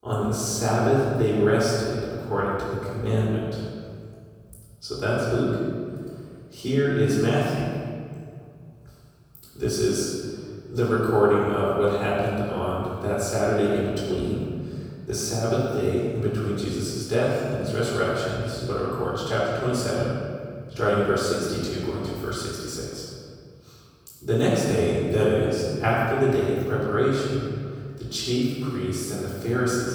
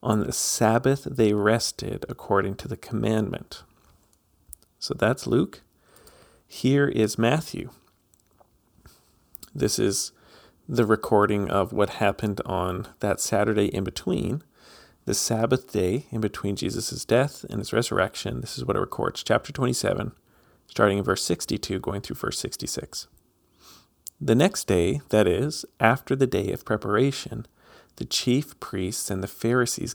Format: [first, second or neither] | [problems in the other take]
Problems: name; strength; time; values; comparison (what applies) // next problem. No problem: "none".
second | off-mic speech; far // room echo; strong; dies away in 2 s